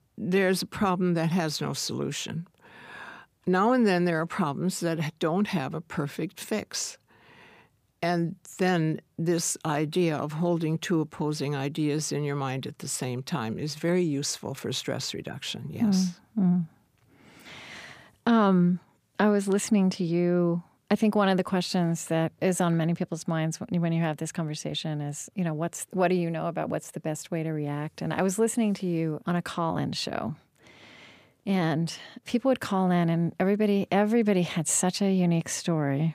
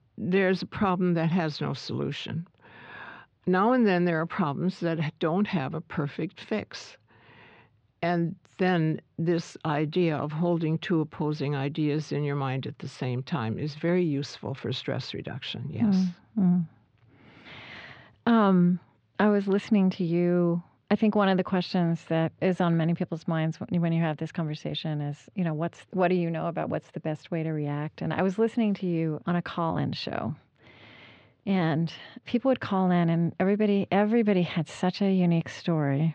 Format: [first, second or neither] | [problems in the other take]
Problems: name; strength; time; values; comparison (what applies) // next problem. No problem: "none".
first | muffled; slightly; fading above 4 kHz